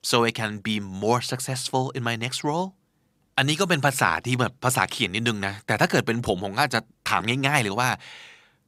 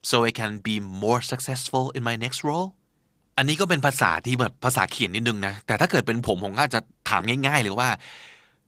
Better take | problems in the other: first | garbled, watery; slightly; nothing above 15.5 kHz

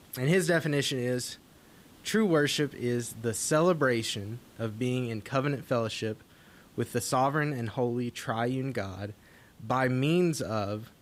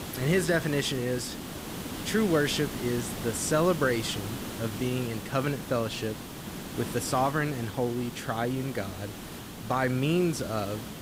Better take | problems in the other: first | hiss; loud; throughout; 9 dB below the speech; faint in the first

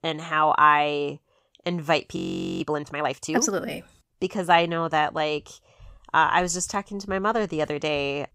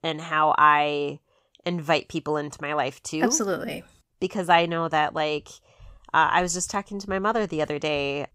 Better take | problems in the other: second | audio freezing; at 2 s

